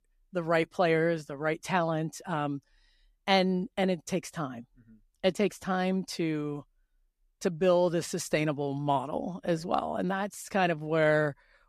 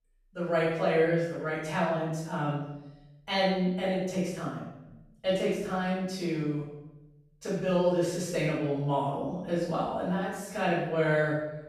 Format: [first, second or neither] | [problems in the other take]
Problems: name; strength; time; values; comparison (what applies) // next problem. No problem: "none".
first | off-mic speech; far // room echo; strong; dies away in 0.8 s